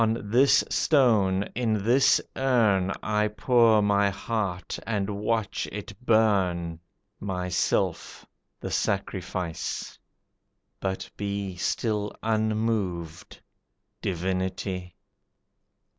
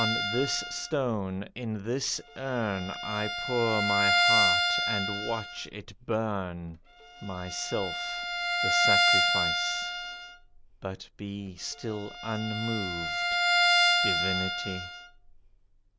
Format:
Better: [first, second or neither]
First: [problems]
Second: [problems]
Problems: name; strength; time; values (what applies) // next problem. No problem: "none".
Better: first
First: none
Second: background sound (Bowed string instrument); 4 dB above the speech